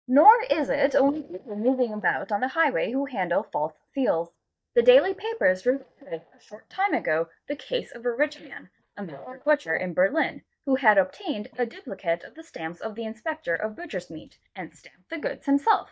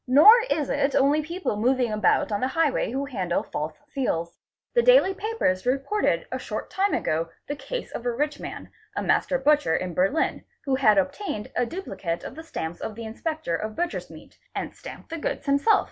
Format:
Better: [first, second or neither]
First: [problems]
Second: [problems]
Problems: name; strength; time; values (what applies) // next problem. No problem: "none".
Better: second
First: noise reduction (neural mask model DeepFilterNet 3)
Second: none